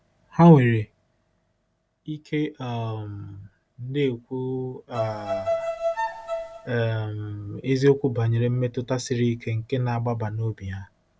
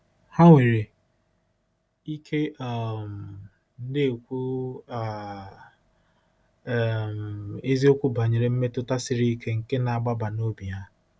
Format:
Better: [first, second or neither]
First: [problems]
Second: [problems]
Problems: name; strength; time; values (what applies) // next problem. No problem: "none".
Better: second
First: background sound (Bowed string instrument); 4 dB below the speech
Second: none